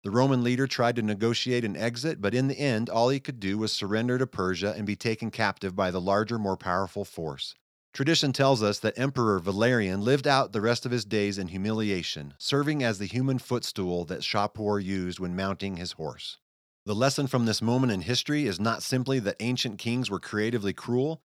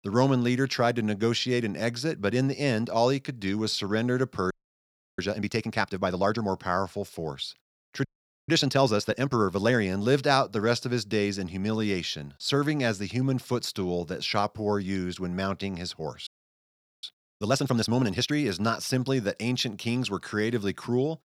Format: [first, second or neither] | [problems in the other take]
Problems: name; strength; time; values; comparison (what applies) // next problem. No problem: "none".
first | audio freezing; at 4.5 s for 0.5 s, at 8 s and at 16 s for 1 s